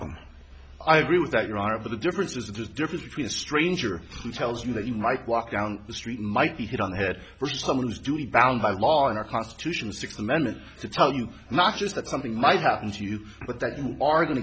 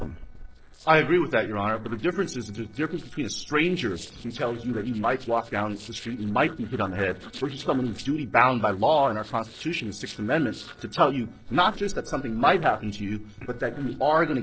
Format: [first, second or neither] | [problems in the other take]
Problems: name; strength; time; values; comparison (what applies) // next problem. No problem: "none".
first | noise reduction (neural separator model SepFormer DNS4)